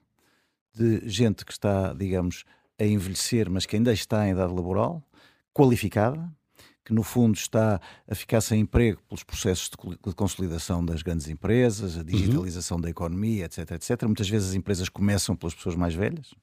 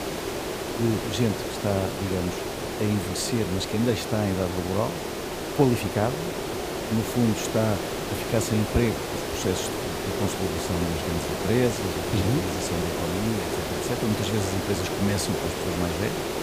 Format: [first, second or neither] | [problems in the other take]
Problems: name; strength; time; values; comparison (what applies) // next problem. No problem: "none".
first | hiss; loud; throughout; 2 dB below the speech